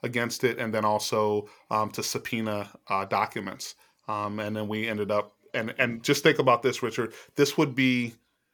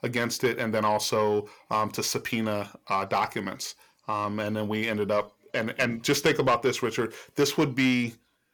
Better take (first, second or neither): first